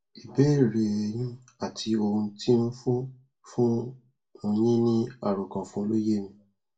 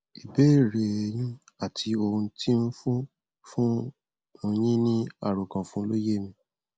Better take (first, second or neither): second